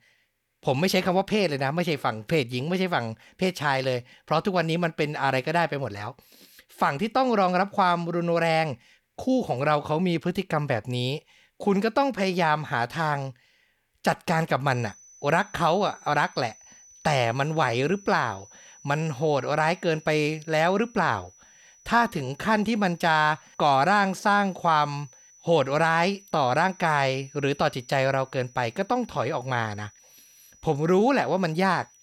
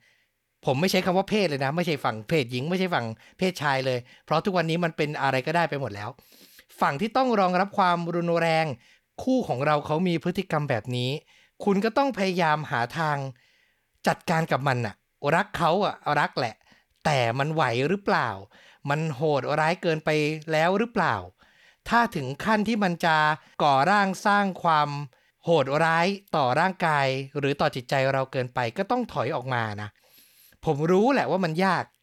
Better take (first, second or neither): second